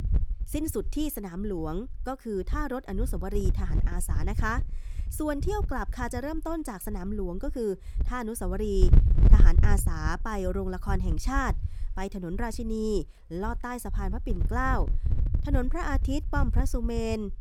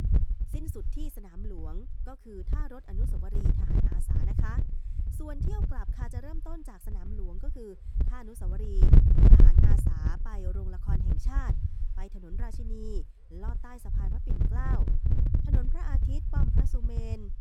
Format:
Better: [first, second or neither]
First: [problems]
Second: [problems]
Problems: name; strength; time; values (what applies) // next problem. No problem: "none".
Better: first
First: wind noise on the microphone; occasional gusts; 10 dB below the speech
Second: wind noise on the microphone; heavy; 4 dB above the speech